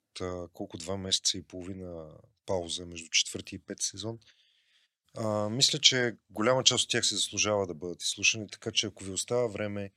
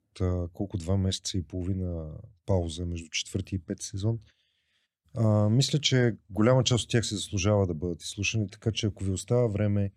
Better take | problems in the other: second | thin; somewhat; fading below 750 Hz

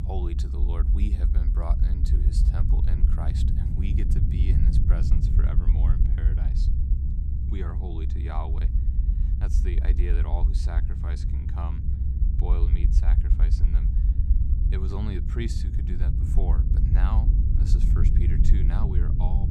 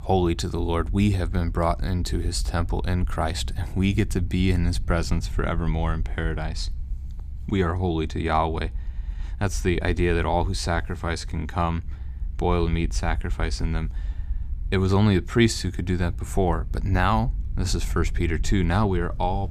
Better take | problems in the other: second | low rumble; loud; throughout; 1 dB below the speech; faint in the second

